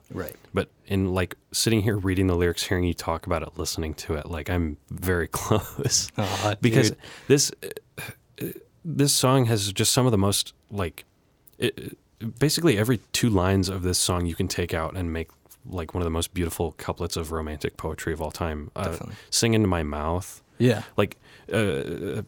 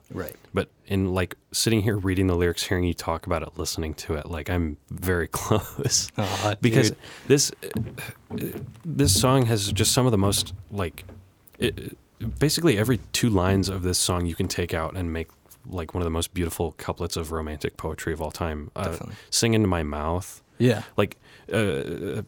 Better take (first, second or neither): first